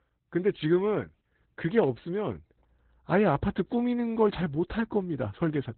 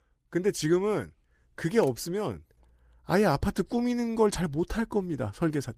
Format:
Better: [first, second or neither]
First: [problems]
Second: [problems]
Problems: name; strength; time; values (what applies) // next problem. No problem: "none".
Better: second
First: garbled, watery; badly; nothing above 4 kHz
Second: garbled, watery; slightly; nothing above 15 kHz